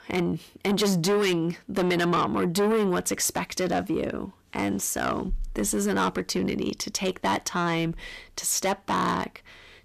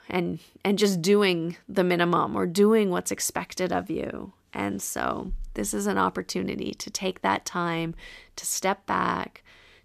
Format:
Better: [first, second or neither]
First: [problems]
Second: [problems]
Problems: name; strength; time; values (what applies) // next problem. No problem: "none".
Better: second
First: distortion; heavy; 7 dB below the speech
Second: none